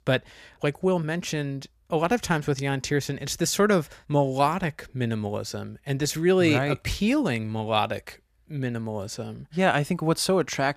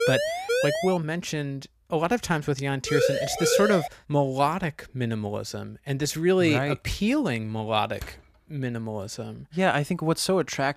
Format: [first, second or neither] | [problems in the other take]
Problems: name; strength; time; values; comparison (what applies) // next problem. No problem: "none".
first | siren; loud; at the start and from 3 to 4 s; peak 2 dB above the speech // door banging; faint; at 8 s; peak 15 dB below the speech